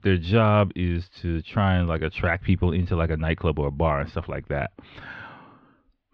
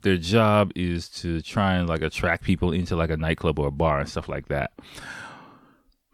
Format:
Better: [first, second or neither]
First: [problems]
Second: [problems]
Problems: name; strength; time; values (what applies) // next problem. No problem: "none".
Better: second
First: muffled; slightly; fading above 3.5 kHz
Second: none